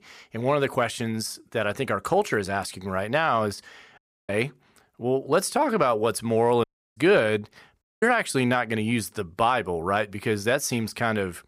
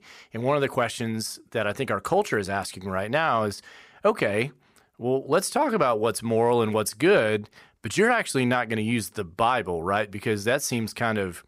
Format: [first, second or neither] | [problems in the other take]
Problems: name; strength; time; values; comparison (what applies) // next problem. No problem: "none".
second | audio cutting out; at 4 s, at 6.5 s and at 8 s